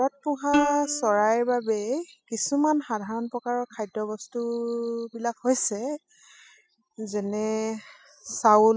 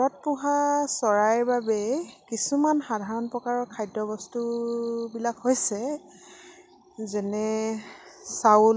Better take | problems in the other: second | noise reduction (classical method spectral subtraction)

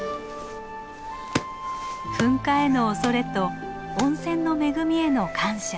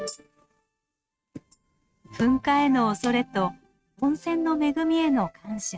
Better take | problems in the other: first | noise reduction (neural mask model RNNoise)

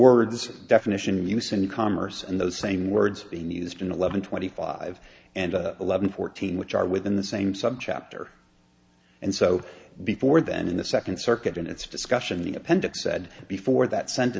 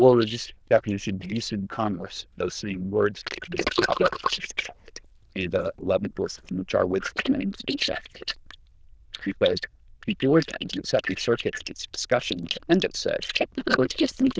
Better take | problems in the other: first | noise reduction (neural diffusion model UNIVERSE++)

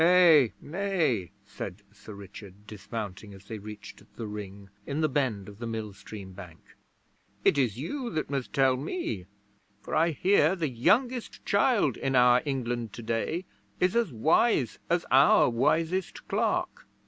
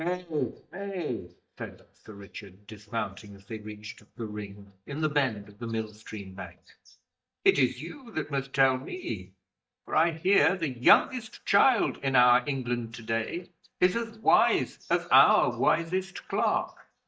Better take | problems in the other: first | noise reduction (neural mask model DeepFilterNet 3)

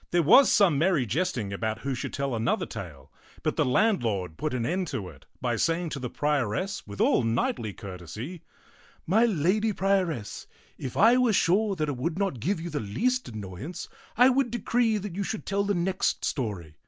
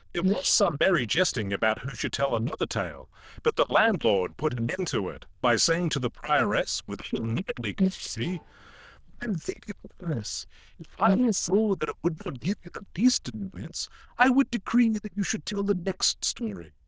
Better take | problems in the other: first | noise reduction (neural diffusion model UNIVERSE++)

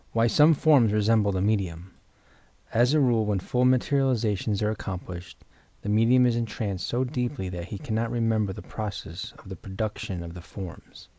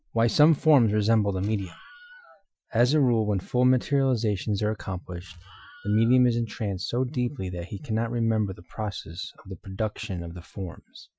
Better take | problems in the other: first | noise reduction (classical method Wiener filter)

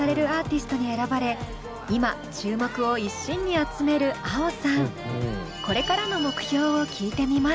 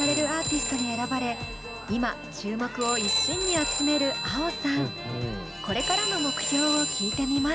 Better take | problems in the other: first | background sound (Telephone); 3 dB below the speech

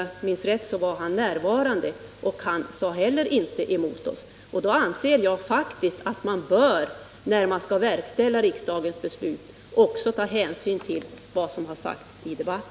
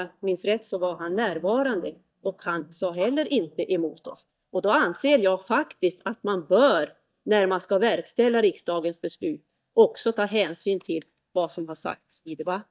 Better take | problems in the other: first | noise reduction (neural mask model DeepFilterNet 3)

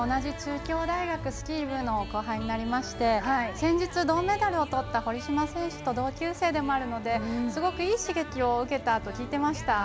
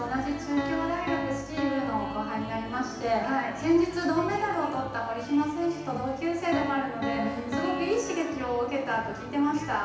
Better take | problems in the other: first | background sound (Piano); 8 dB below the speech // room echo; dies away in 0.9 s

